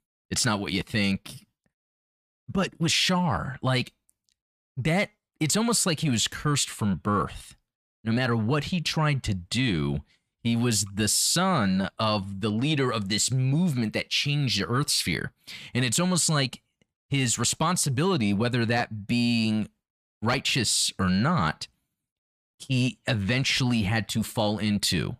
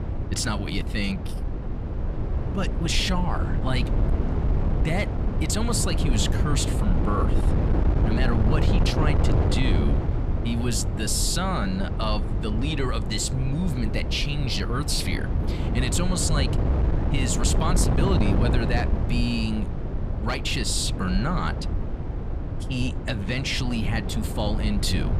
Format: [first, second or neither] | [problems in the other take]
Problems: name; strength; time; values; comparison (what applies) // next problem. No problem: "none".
first | wind noise on the microphone; heavy; 6 dB below the speech